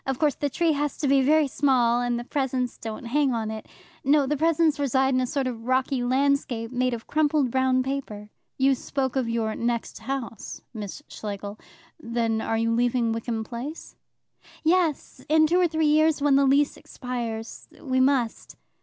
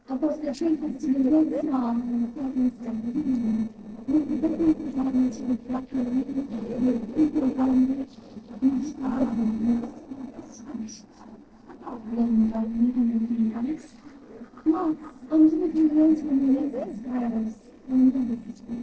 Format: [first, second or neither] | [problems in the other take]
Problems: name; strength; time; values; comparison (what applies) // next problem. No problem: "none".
first | noise reduction (neural separator model SepFormer DNS4)